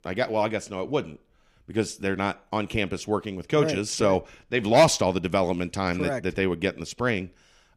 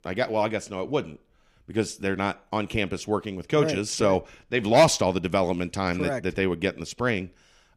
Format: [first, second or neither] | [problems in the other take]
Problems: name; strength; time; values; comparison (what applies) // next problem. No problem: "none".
neither | none